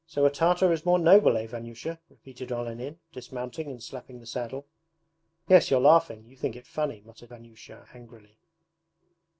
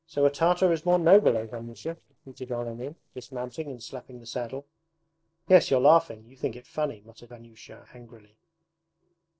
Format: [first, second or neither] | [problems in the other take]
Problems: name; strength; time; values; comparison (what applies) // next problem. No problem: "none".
first | noise reduction (neural separator model SepFormer DNS4)